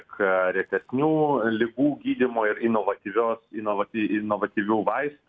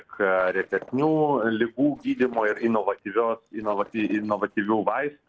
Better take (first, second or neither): first